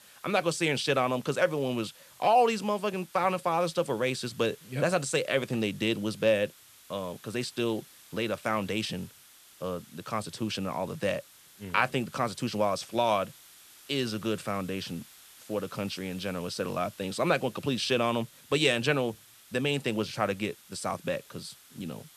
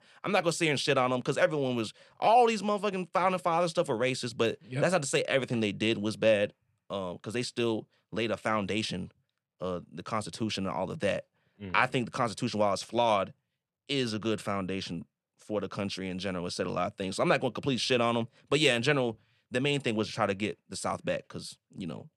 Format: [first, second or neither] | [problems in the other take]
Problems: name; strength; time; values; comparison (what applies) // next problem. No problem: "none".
second | hiss; faint; throughout; 20 dB below the speech